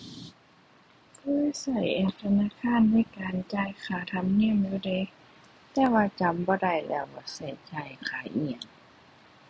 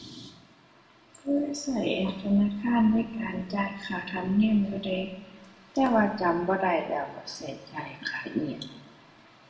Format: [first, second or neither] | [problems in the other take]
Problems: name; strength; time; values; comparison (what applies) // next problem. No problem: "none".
first | room echo; dies away in 0.9 s